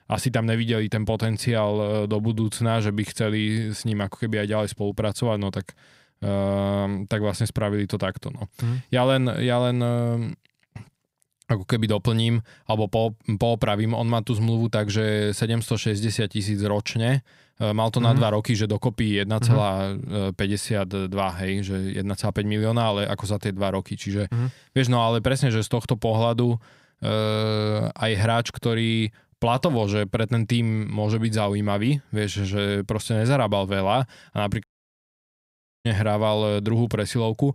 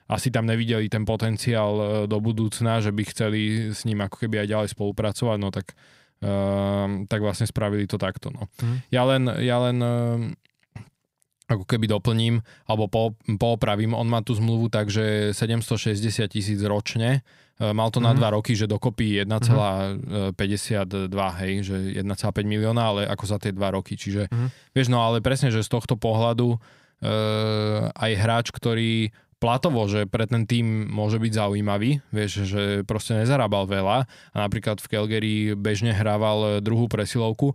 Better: second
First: audio cutting out; at 35 s for 1 s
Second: none

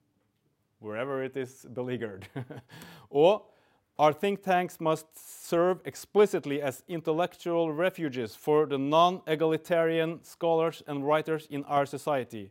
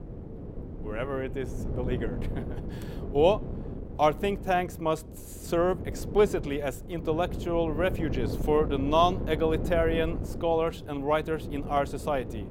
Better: first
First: none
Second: wind noise on the microphone; occasional gusts; 15 dB below the speech

